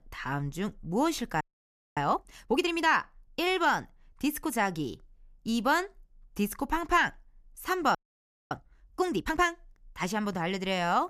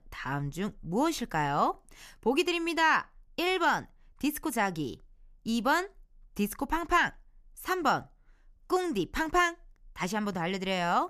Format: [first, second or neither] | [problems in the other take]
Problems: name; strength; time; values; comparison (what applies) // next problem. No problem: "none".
second | audio freezing; at 1.5 s for 0.5 s and at 8 s for 0.5 s